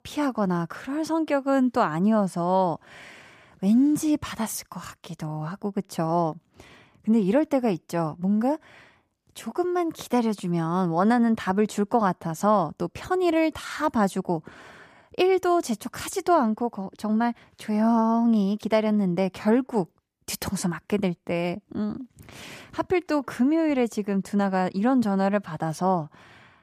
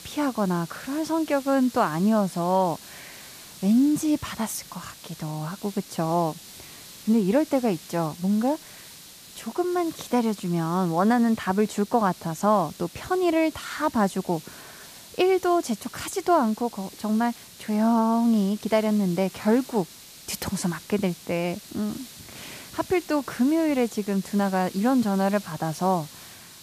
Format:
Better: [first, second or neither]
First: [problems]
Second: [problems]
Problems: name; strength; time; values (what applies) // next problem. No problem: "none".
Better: first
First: none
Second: hiss; noticeable; throughout; 20 dB below the speech